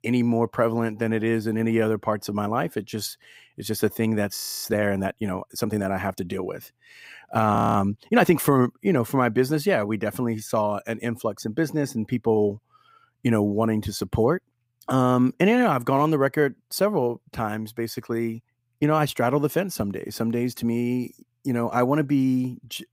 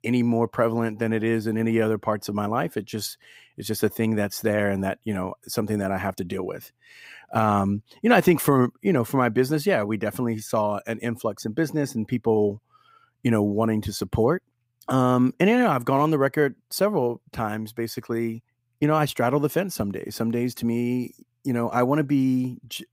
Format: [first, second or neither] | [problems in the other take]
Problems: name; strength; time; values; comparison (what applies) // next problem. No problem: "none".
second | audio freezing; at 4.5 s and at 7.5 s